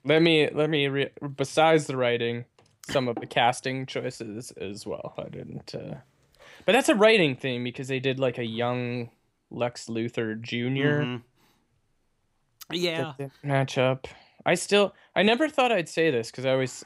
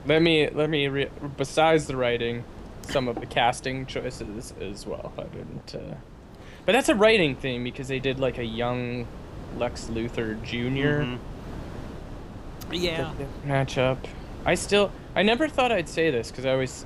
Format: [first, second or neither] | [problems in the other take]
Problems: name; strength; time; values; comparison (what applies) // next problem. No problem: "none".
first | wind noise on the microphone; occasional gusts; 20 dB below the speech